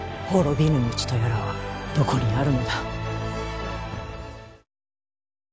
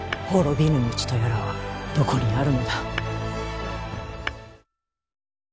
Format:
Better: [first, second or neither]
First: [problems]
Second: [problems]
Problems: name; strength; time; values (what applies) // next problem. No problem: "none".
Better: first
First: none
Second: background sound (Tap / Hammer); 14 dB below the speech